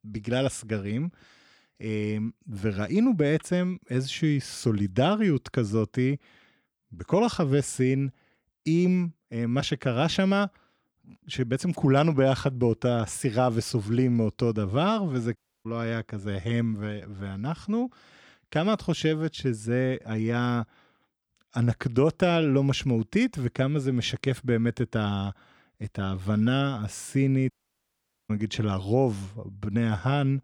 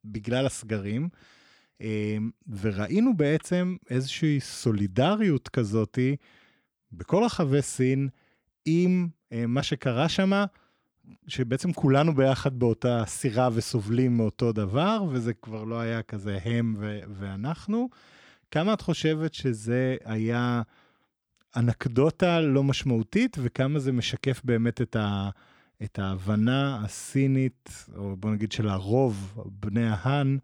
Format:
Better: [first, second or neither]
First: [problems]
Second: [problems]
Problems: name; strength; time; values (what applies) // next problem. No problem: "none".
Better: second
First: audio cutting out; at 15 s and at 28 s for 1 s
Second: none